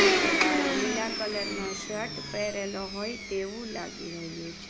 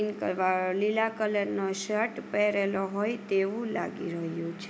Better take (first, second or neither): second